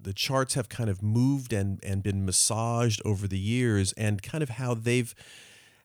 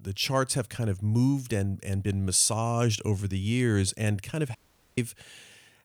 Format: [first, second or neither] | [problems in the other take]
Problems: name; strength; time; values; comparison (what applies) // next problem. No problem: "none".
first | audio cutting out; at 4.5 s